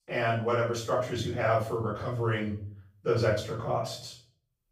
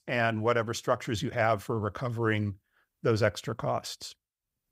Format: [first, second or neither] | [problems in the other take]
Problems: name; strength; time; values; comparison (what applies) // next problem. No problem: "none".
second | off-mic speech; far // room echo; noticeable; dies away in 0.4 s